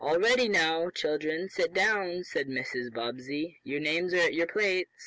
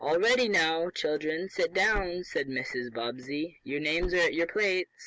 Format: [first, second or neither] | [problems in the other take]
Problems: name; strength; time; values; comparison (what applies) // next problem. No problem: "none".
first | background sound (Slam / Car); 15 dB below the speech